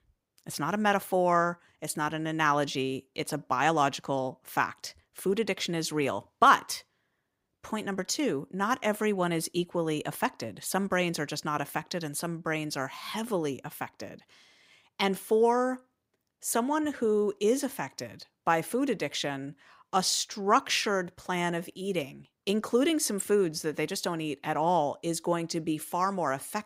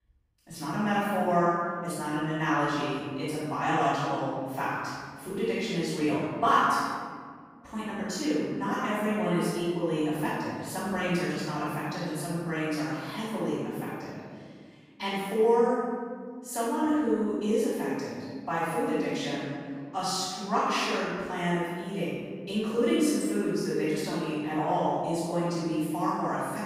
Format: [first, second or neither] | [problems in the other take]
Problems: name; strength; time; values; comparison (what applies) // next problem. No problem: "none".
first | room echo; strong; dies away in 2 s // off-mic speech; far